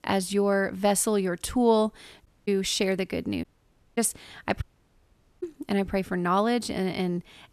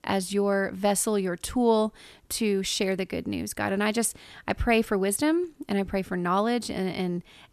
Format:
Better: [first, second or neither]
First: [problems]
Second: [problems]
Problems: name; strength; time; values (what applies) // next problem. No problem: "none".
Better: second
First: audio cutting out; at 2.5 s, at 3.5 s for 0.5 s and at 4.5 s for 1 s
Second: none